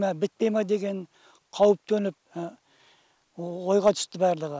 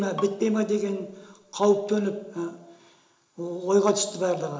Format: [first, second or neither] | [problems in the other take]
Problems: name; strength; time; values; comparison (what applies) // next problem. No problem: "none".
first | background sound (Bowed string instrument); 19 dB below the speech // room echo; dies away in 0.8 s